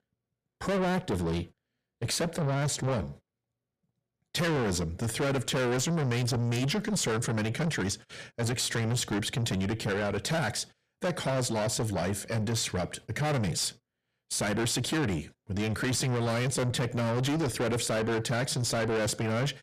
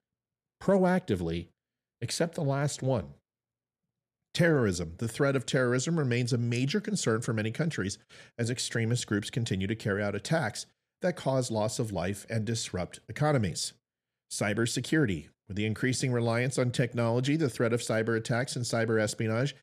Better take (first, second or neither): second